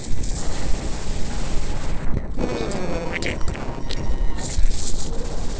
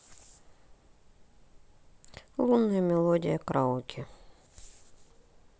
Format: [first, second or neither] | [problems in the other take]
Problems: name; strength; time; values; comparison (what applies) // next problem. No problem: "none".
second | noise reduction (neural separator model SepFormer DNS4)